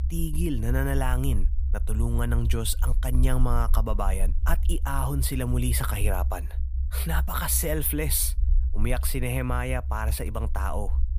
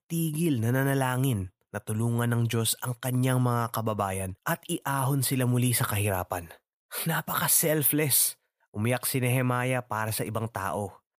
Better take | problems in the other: second | low rumble; noticeable; throughout; 20 dB below the speech

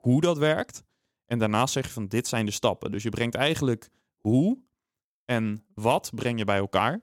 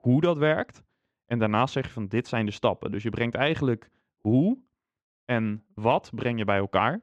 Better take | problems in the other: first | muffled; very; fading above 2.5 kHz

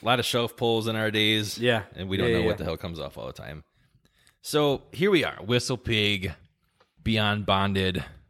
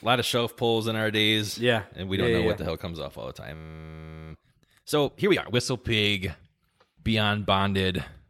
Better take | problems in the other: first | audio freezing; at 3.5 s for 1 s

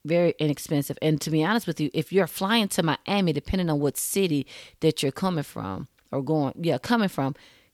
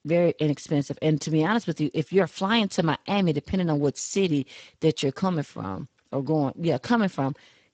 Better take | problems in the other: first | garbled, watery; badly; nothing above 7.5 kHz

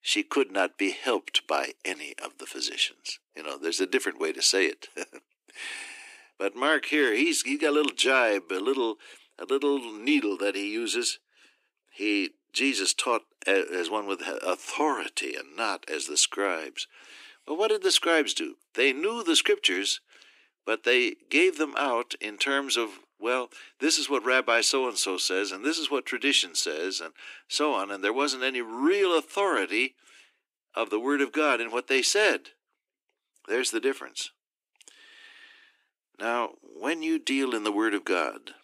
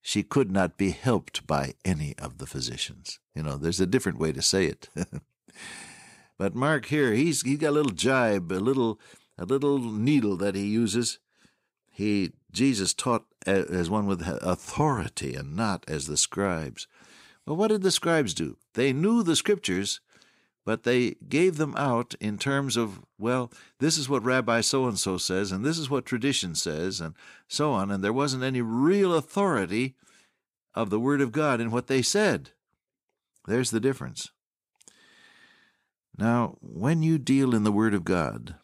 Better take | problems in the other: second | thin; somewhat; fading below 300 Hz

